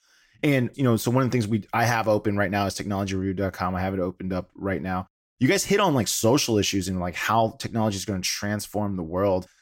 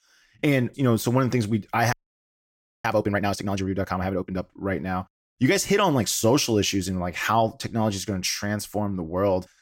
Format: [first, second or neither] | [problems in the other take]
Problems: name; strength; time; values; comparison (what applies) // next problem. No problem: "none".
first | audio freezing; at 2 s for 1 s